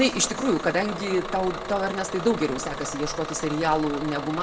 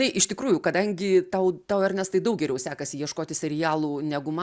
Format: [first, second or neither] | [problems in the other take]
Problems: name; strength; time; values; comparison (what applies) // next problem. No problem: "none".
second | background sound (Bus / Engine); 8 dB below the speech // room echo; dies away in 0.9 s